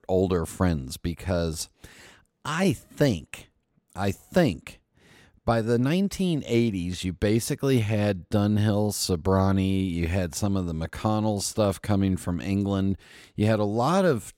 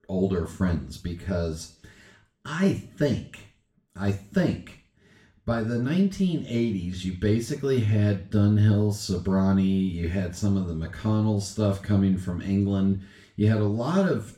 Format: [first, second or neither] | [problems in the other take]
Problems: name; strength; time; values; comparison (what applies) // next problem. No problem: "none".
first | room echo; slight; dies away in 0.4 s // off-mic speech; far